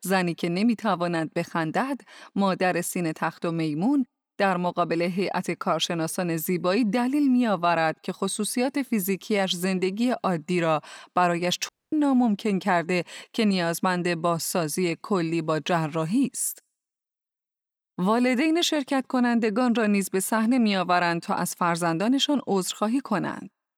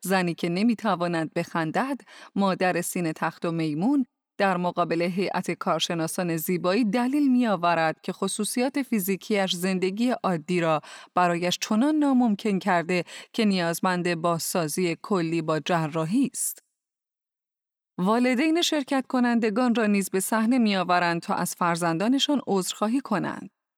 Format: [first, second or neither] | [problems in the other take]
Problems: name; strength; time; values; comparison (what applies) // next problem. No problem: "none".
second | audio cutting out; at 12 s